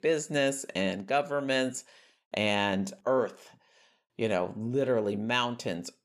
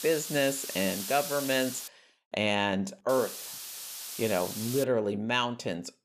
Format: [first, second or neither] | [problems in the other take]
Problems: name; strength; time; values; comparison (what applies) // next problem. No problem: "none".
first | hiss; loud; until 2 s and from 3 to 5 s; 7 dB below the speech